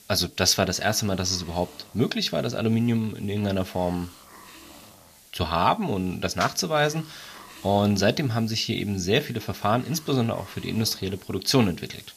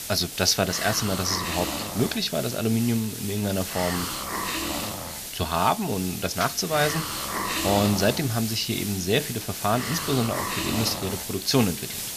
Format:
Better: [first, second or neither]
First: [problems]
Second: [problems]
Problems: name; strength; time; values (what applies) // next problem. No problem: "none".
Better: first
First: hiss; faint; throughout; 25 dB below the speech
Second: hiss; loud; throughout; 4 dB below the speech